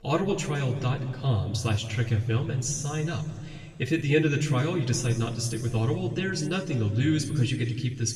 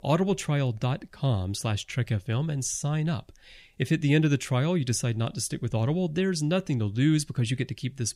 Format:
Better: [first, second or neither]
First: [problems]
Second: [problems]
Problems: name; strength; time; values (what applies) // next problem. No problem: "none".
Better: second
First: room echo; noticeable; dies away in 1.6 s // off-mic speech; far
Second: none